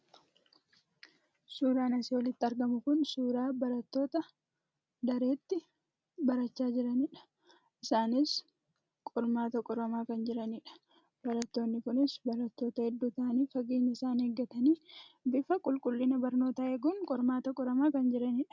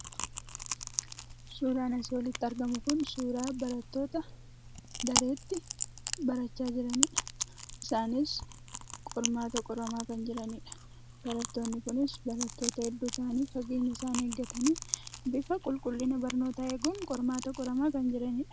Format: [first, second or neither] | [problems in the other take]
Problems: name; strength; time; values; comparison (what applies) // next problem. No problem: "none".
first | background sound (Chewing, mastication); 6 dB below the speech